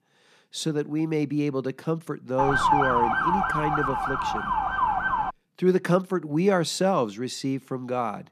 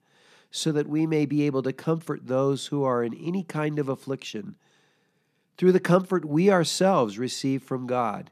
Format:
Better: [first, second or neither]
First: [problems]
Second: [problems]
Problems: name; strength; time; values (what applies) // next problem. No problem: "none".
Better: second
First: siren; loud; from 2.5 to 5.5 s; peak 6 dB above the speech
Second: none